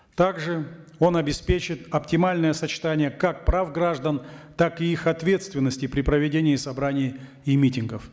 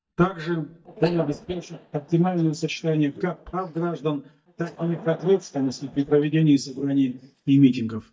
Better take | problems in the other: first | noise reduction (neural mask model DeepFilterNet 3)

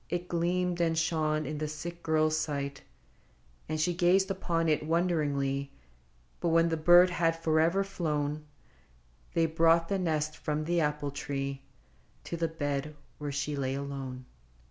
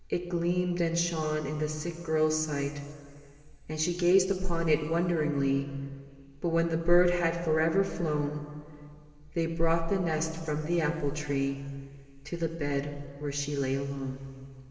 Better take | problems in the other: first | room echo; dies away in 2.9 s

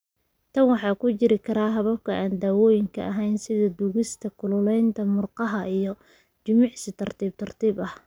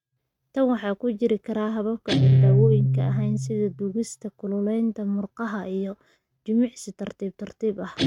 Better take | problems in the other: first | noise reduction (neural mask model RNNoise)

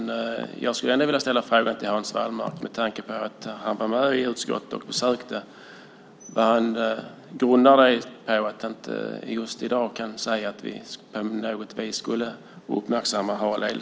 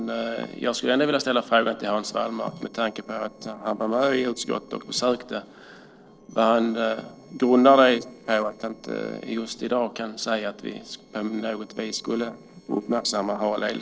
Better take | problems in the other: first | noise reduction (neural separator model SepFormer DNS4)

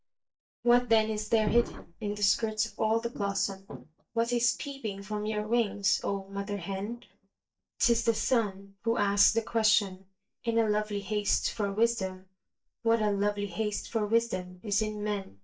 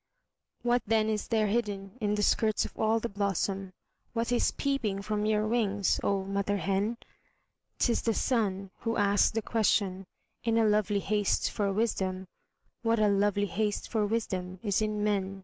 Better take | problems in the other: second | noise reduction (neural mask model DeepFilterNet 3)

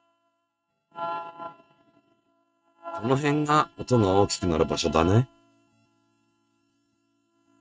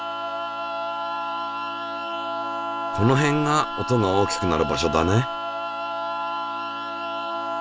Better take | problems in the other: second | noise reduction (neural mask model RNNoise)

